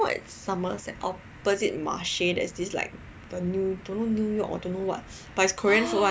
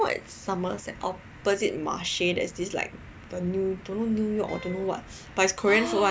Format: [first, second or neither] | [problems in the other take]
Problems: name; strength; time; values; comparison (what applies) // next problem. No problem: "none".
first | background sound (Wind instrument, woodwind instrument); 19 dB below the speech